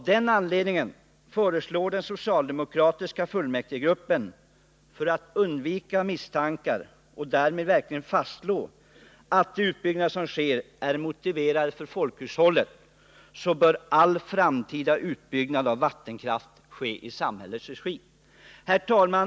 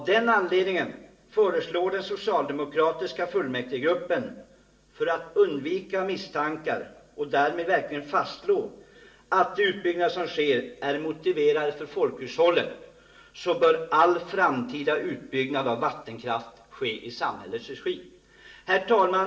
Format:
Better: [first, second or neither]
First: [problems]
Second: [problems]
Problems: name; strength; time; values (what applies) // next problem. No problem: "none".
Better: first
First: none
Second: room echo; dies away in 0.6 s